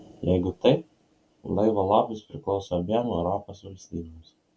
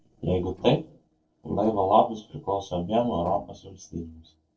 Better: first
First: none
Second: noise reduction (neural separator model SepFormer DNS4)

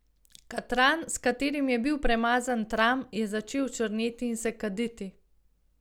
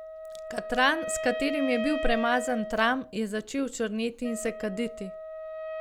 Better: first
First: none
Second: background sound (Wind instrument, woodwind instrument); 7 dB below the speech

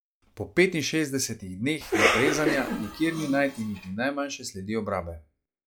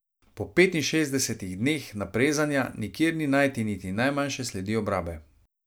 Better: second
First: noise reduction (classical method log-MMSE)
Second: none

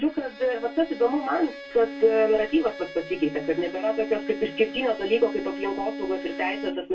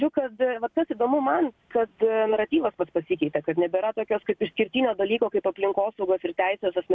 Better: second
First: background sound (Bowed string instrument); 11 dB below the speech // room echo; dies away in 0.2 s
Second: none

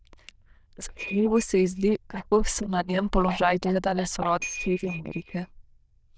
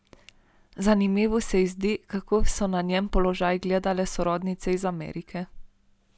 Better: second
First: noise reduction (neural diffusion model UNIVERSE++)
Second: none

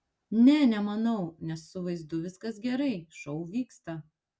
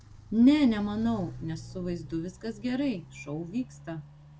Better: first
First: none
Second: background sound (Walk, footsteps); 16 dB below the speech

